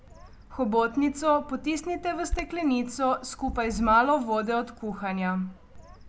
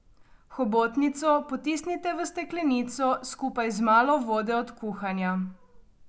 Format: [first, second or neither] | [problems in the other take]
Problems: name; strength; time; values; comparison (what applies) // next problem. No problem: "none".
second | background sound (Bird vocalization, bird call, bird song); 14 dB below the speech